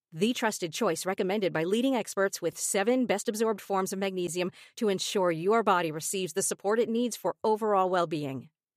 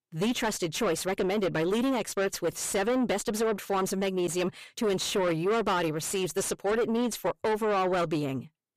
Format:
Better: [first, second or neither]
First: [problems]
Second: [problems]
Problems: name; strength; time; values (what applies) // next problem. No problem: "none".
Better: first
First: none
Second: distortion; heavy; 7 dB below the speech